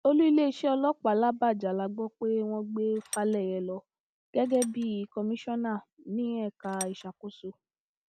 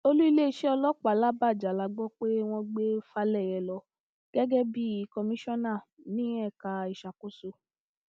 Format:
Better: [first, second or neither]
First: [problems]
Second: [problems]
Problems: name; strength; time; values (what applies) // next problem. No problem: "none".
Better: second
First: background sound (Tools); 15 dB below the speech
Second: none